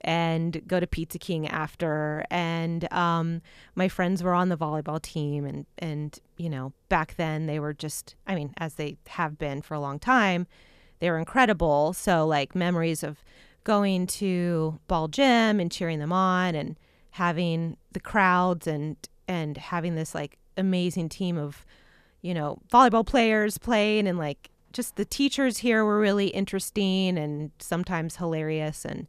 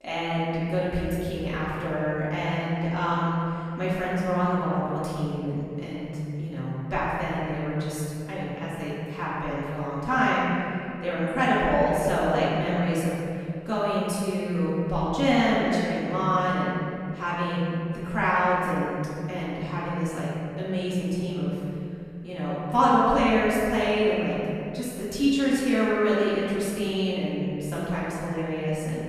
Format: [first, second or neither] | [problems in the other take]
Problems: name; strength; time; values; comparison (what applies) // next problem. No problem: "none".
first | room echo; strong; dies away in 2.6 s // off-mic speech; far